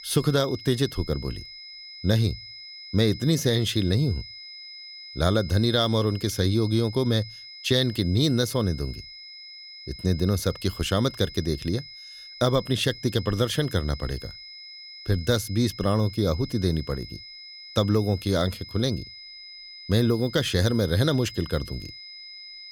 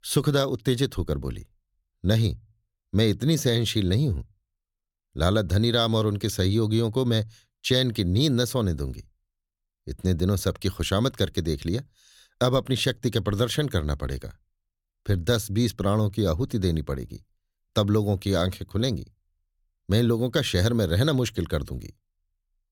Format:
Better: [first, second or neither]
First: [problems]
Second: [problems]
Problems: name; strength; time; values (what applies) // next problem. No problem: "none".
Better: second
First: high-pitched whine; noticeable; throughout; 5 kHz, 15 dB below the speech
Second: none